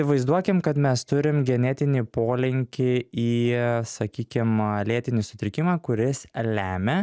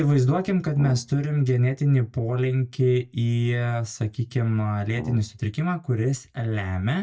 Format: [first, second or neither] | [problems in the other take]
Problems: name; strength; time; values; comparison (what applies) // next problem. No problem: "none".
first | noise reduction (neural mask model DeepFilterNet 3)